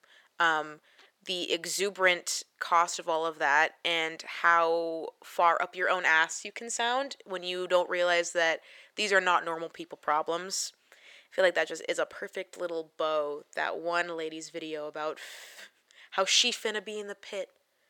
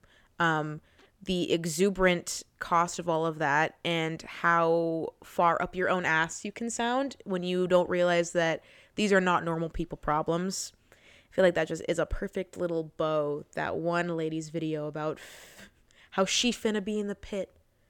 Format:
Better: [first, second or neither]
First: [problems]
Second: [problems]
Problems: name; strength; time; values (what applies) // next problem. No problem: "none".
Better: second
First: thin; very; fading below 550 Hz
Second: none